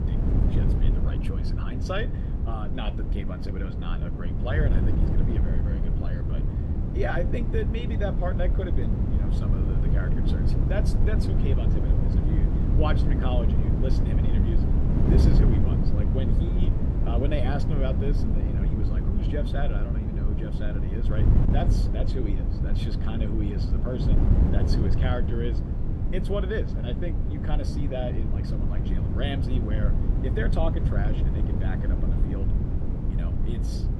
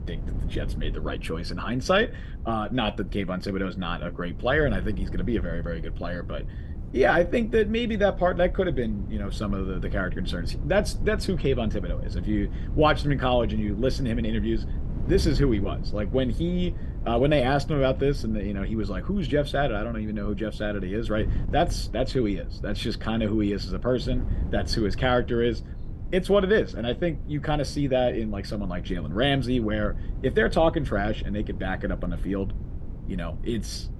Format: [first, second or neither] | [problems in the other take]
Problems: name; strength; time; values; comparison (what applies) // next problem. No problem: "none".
second | wind noise on the microphone; heavy; 1 dB below the speech; occasional gusts in the second